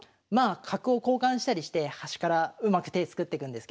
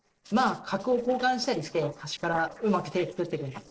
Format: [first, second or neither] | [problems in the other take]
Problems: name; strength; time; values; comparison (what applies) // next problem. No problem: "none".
first | noise reduction (neural separator model SepFormer DNS4)